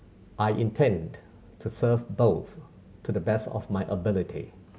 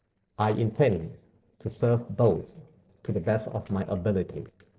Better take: first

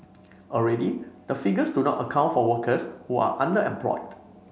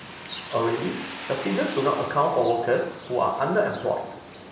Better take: first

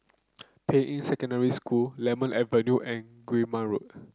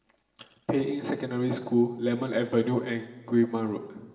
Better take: first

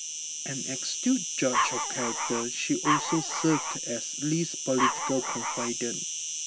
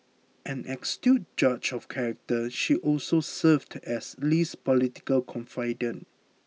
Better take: second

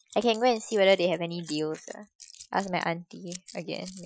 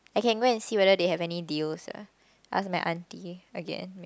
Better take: second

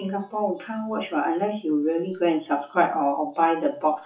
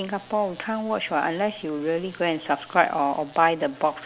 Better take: second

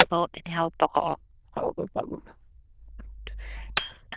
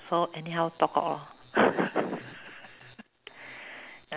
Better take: second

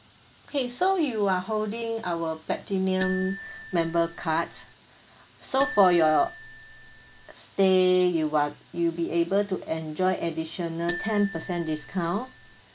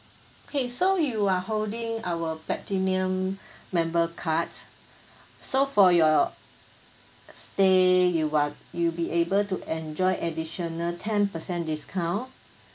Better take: second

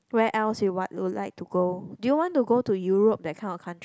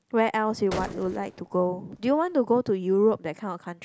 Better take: first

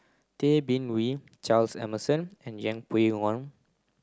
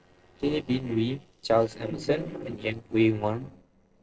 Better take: first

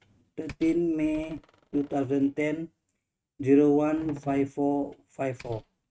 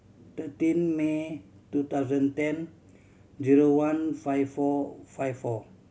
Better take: second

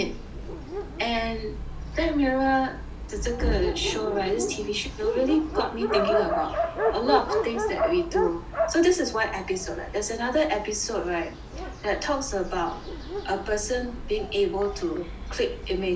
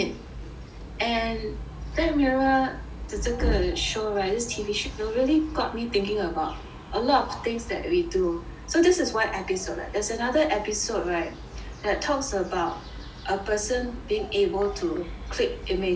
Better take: second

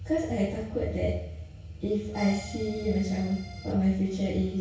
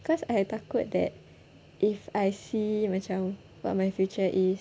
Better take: second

